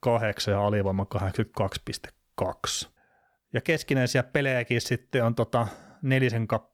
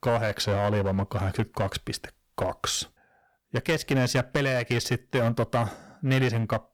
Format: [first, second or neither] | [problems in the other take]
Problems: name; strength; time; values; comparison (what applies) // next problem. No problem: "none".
first | distortion; slight; 7% of the sound clipped